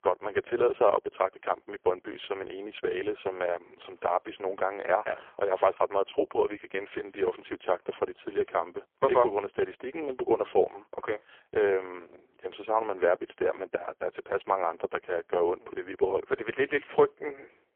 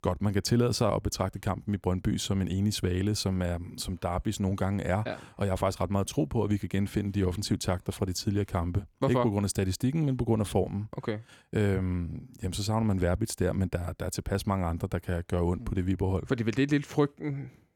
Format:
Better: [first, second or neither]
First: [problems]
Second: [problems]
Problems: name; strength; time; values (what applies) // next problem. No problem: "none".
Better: second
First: phone-call audio; poor line; nothing above 3.5 kHz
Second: none